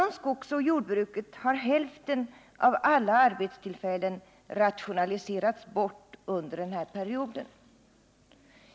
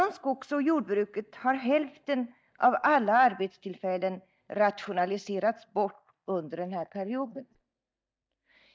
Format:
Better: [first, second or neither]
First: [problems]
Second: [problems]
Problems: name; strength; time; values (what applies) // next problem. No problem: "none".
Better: first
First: none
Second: noise reduction (neural mask model DeepFilterNet 3)